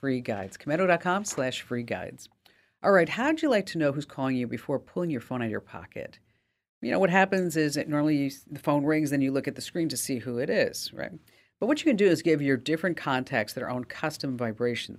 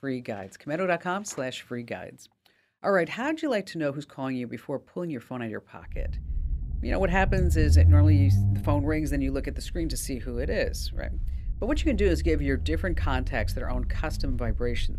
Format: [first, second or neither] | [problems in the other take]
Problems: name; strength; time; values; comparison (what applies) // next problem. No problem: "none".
first | low rumble; noticeable; from 6 s on; 10 dB below the speech